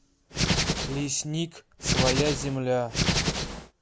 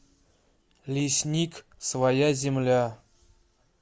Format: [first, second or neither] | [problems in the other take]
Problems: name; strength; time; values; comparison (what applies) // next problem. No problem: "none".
second | background sound (Hands); 3 dB above the speech